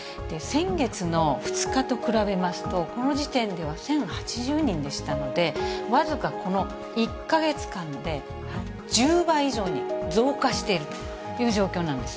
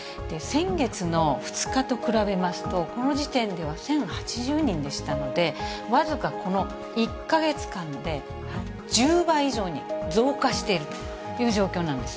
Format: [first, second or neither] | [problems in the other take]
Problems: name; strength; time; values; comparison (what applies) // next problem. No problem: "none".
second | background sound (Dishes, pots, and pans); 15 dB below the speech